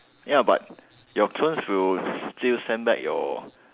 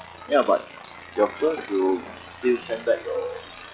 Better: first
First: none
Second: noise reduction (classical method log-MMSE)

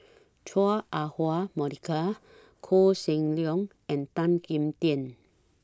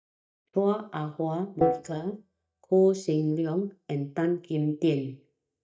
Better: first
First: none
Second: noise reduction (neural mask model DeepFilterNet 3)

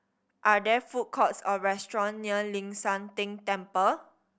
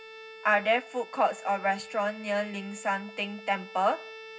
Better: first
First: none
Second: background sound (Bowed string instrument); 16 dB below the speech // room echo; dies away in 0.4 s

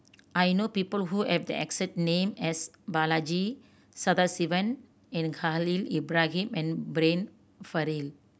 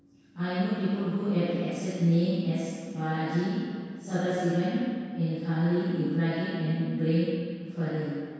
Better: first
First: none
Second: room echo; dies away in 2 s

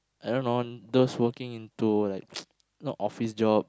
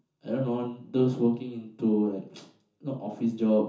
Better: first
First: none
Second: room echo; dies away in 0.9 s

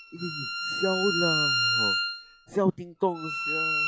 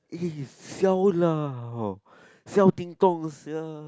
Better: second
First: noise reduction (classical method log-MMSE)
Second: none

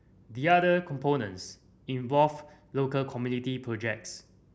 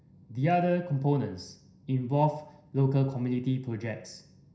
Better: first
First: none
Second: room echo; dies away in 0.5 s

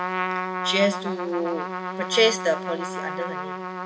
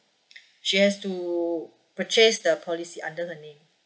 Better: second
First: background sound (Trumpet); 4 dB below the speech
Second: none

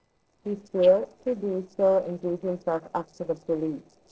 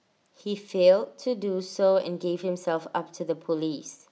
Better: second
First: noise reduction (neural separator model SepFormer DNS4)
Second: none

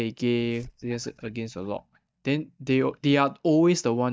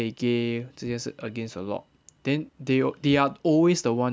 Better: second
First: noise reduction (neural mask model DeepFilterNet 3)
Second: none

